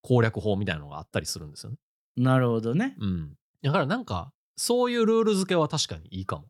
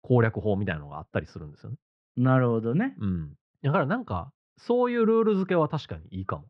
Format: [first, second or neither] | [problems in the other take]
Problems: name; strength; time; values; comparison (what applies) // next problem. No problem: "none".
first | muffled; very; fading above 2.5 kHz